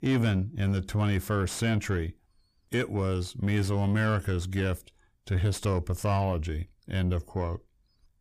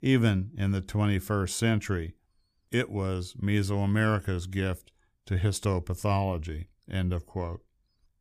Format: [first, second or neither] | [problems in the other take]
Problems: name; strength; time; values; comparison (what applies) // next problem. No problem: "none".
second | distortion; slight; 10 dB below the speech